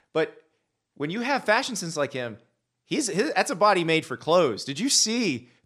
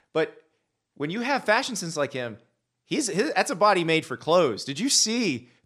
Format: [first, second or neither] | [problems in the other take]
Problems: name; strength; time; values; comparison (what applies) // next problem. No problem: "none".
neither | none